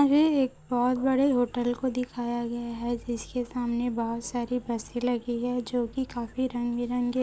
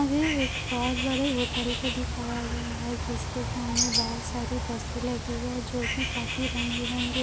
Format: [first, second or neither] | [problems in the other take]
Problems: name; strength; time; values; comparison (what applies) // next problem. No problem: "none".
first | background sound (Bird); as loud as the speech